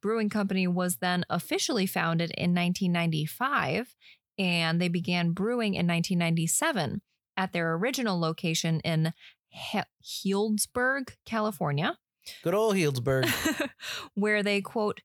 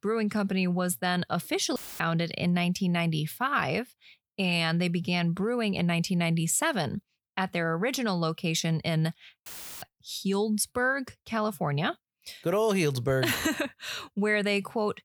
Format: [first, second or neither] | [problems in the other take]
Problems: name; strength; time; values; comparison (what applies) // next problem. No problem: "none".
first | audio cutting out; filled with static; at 2 s and at 9.5 s